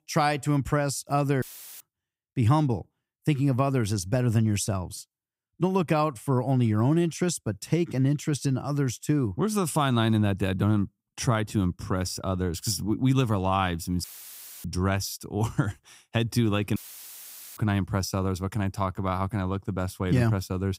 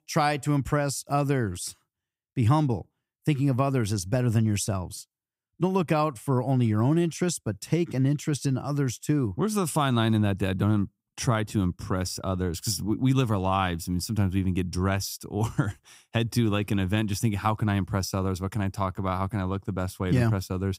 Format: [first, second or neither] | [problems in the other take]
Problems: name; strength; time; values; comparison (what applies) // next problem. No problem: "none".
second | audio cutting out; filled with static; at 1.5 s, at 14 s for 0.5 s and at 17 s for 1 s